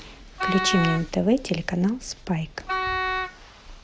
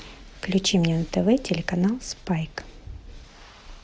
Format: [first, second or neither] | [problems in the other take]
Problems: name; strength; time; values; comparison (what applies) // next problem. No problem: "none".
second | background sound (Wind instrument, woodwind instrument); 3 dB below the speech